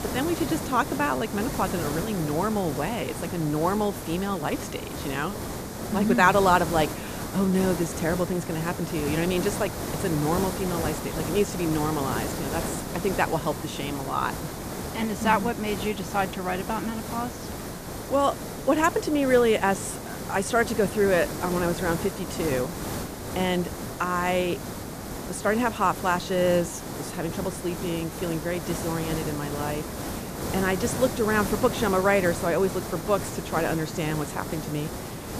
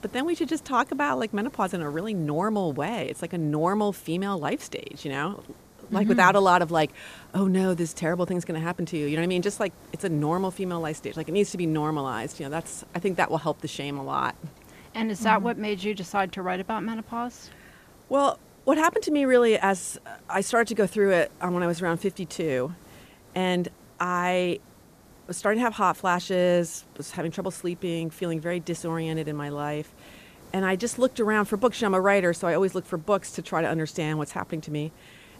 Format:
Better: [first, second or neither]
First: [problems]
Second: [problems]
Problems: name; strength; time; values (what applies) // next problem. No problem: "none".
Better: second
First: hiss; loud; throughout; 6 dB below the speech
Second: hiss; faint; throughout; 25 dB below the speech